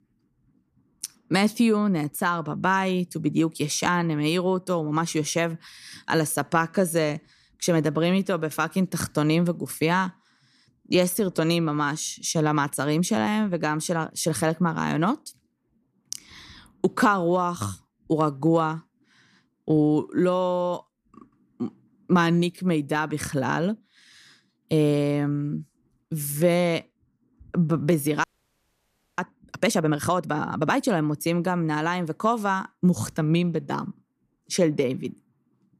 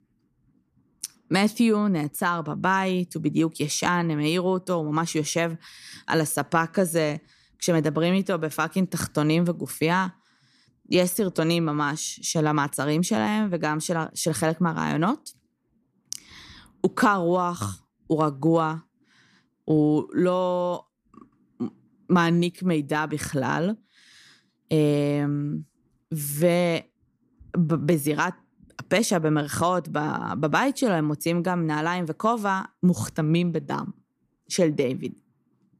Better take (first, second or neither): second